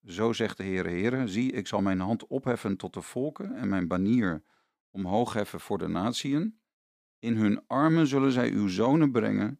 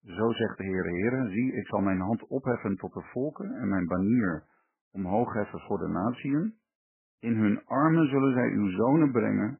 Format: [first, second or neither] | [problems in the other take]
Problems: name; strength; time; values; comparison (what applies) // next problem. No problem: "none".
first | garbled, watery; badly; nothing above 3 kHz